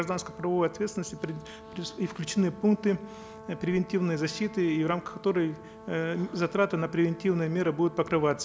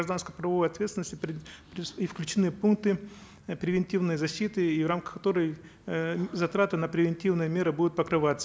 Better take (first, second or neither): second